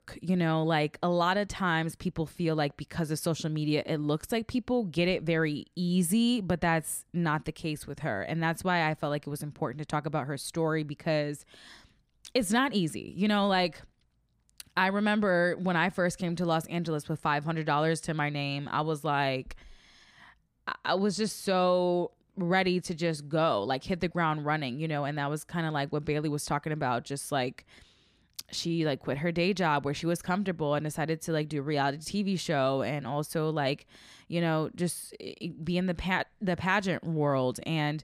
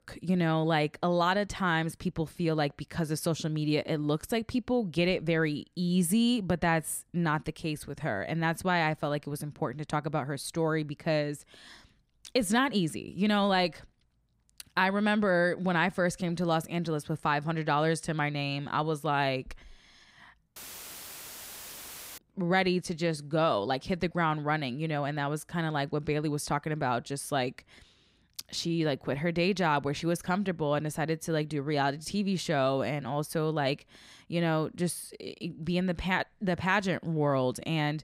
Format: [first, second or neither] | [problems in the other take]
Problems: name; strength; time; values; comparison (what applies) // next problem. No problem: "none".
first | audio cutting out; filled with static; at 21 s for 1.5 s